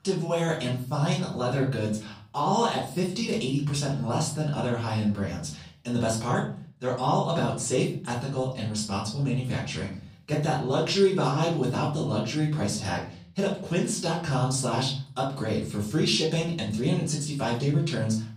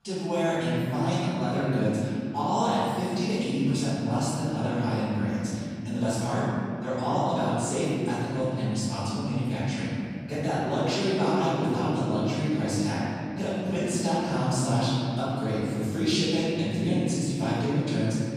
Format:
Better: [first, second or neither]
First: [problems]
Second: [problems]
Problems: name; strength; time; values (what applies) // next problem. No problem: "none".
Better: first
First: room echo; slight; dies away in 0.5 s // off-mic speech; far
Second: room echo; strong; dies away in 3 s // off-mic speech; far